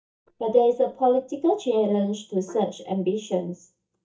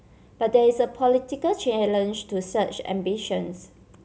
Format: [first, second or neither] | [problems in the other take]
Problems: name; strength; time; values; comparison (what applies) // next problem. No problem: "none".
second | noise reduction (neural mask model DeepFilterNet 3)